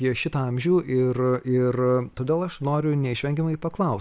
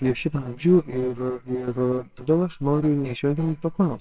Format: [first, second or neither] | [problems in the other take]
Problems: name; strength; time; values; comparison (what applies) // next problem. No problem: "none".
first | noise reduction (neural separator model SepFormer WHAMR!)